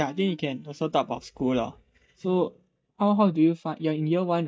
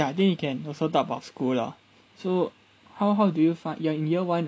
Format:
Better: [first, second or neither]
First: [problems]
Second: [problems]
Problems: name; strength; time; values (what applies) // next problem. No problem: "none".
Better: second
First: noise reduction (neural mask model DeepFilterNet 3)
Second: none